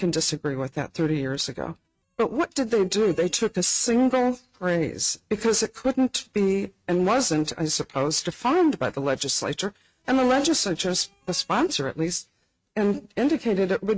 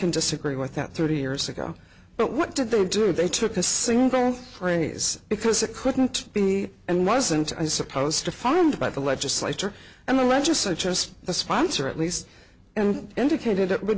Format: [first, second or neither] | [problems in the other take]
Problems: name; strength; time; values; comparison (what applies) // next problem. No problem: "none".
second | noise reduction (neural mask model RNNoise)